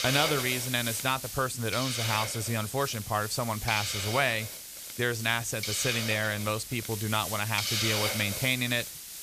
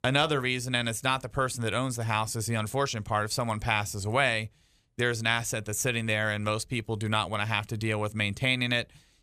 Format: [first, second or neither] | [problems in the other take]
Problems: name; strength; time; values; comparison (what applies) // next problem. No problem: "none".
second | hiss; loud; throughout; 3 dB below the speech